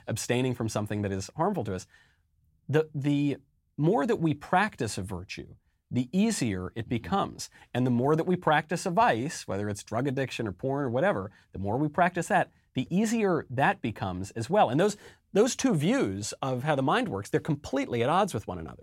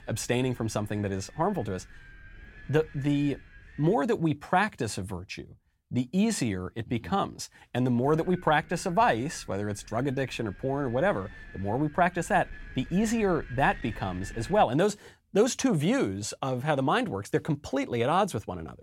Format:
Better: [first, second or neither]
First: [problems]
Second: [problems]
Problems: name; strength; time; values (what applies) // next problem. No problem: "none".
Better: first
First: none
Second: wind noise on the microphone; occasional gusts; until 4 s and from 8 to 15 s; 20 dB below the speech